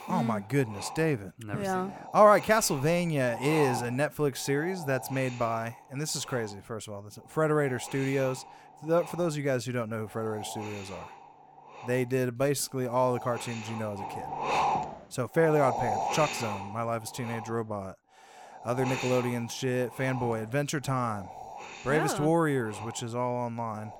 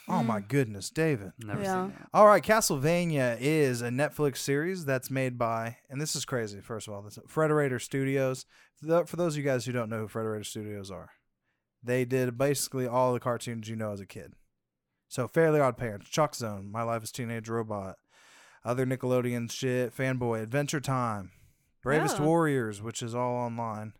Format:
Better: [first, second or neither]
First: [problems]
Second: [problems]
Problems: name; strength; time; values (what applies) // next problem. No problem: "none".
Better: second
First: wind noise on the microphone; heavy; 7 dB below the speech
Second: none